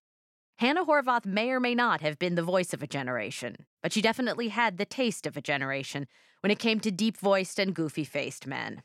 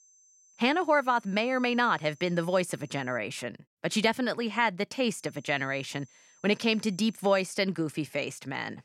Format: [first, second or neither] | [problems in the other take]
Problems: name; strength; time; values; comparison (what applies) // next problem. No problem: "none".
first | high-pitched whine; faint; until 3 s and from 5 to 7.5 s; 6 kHz, 30 dB below the speech